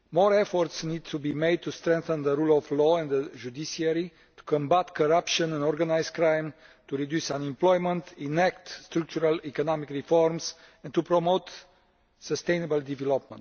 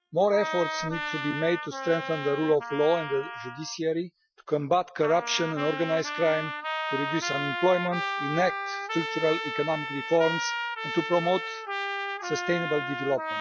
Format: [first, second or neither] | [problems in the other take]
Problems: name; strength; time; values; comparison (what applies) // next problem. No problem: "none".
first | noise reduction (classical method Wiener filter)